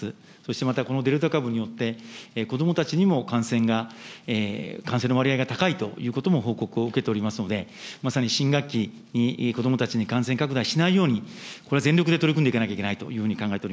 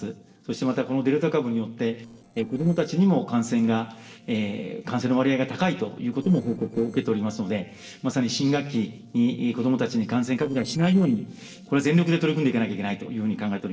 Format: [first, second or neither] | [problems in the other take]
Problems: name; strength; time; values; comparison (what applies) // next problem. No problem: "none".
first | noise reduction (neural separator model SepFormer DNS4)